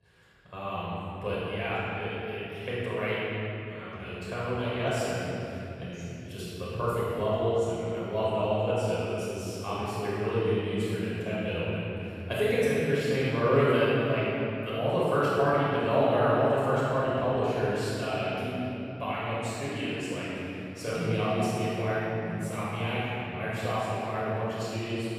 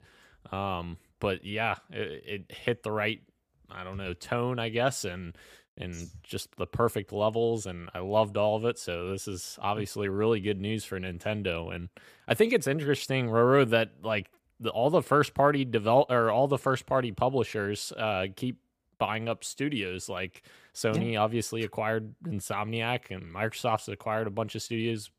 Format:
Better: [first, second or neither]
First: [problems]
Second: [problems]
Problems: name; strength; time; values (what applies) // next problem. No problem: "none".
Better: second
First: off-mic speech; far // room echo; strong; dies away in 3 s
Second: none